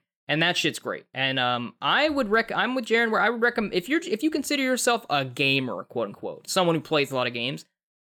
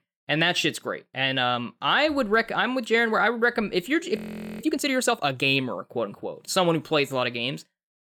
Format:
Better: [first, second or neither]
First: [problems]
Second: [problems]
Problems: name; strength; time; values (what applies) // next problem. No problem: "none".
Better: first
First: none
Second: audio freezing; at 4 s